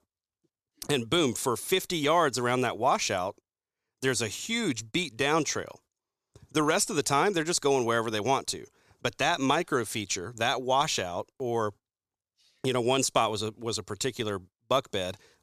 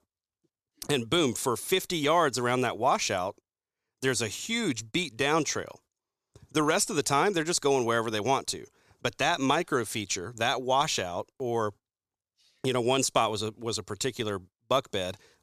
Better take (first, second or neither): neither